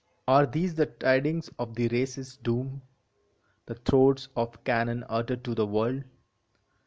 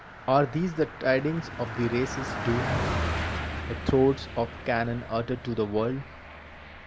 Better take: first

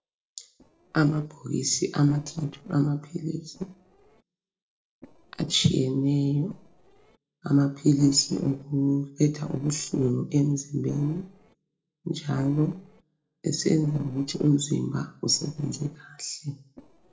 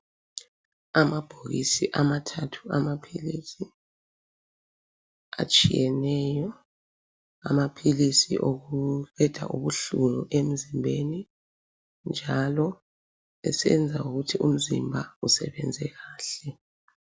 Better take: second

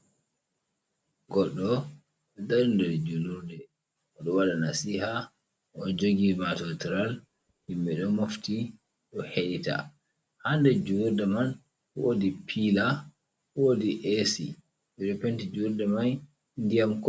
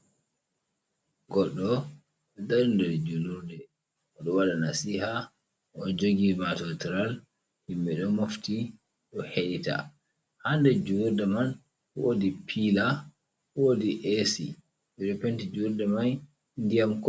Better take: second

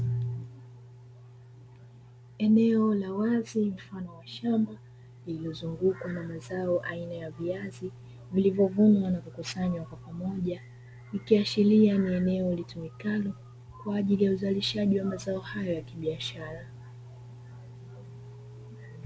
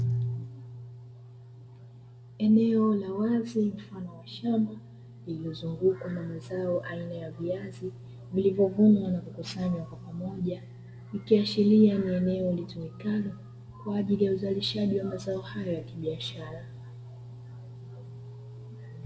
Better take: first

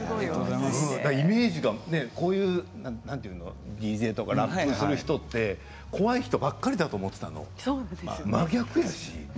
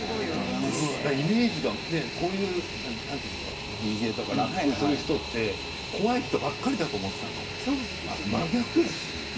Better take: first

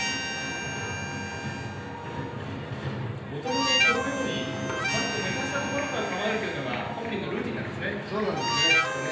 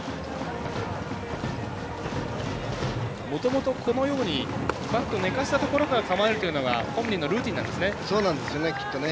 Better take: second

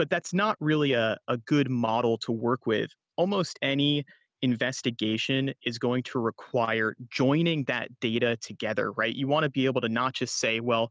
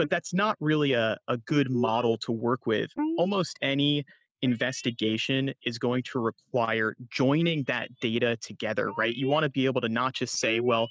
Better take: first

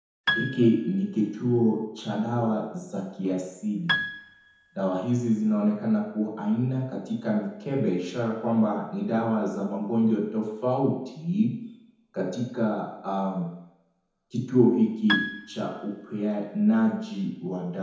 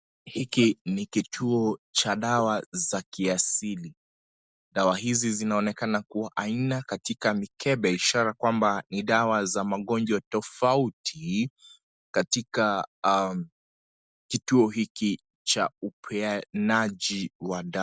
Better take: second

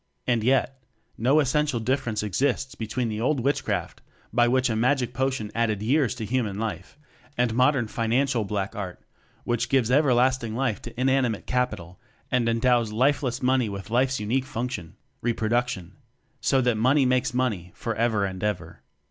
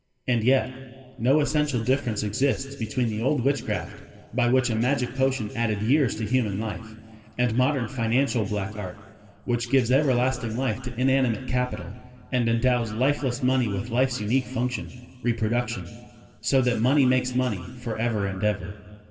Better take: first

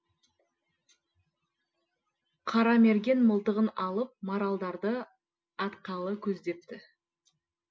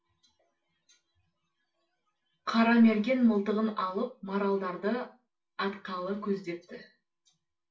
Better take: first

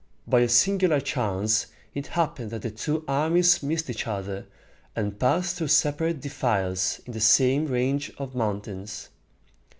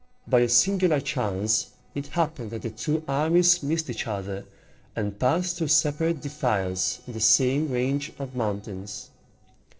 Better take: first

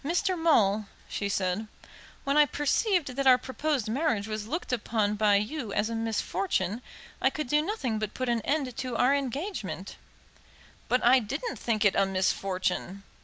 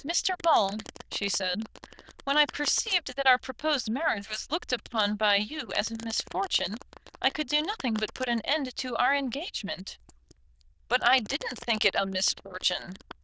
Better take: first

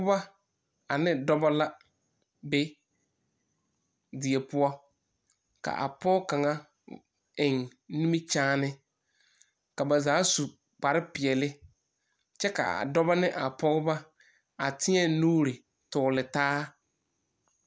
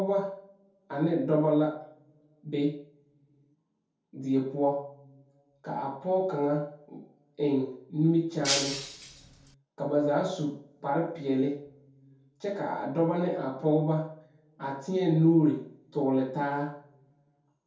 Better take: first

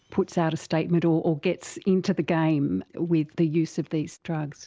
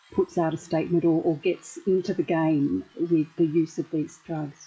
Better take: first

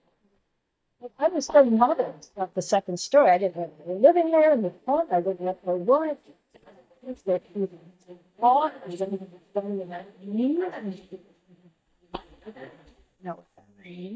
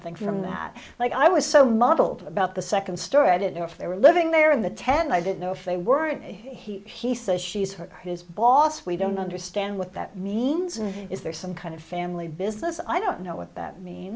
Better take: second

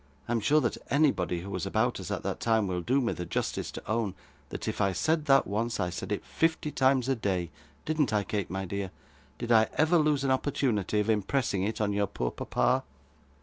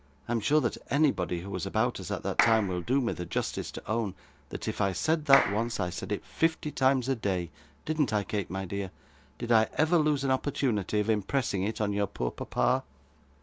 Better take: first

